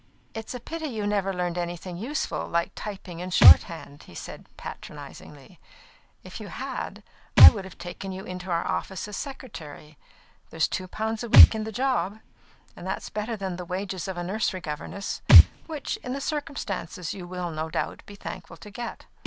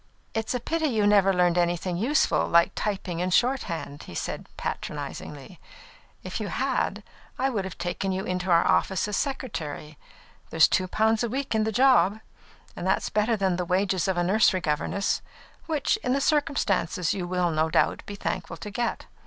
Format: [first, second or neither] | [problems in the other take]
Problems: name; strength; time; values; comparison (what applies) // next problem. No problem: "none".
second | background sound (Thump, thud); 5 dB above the speech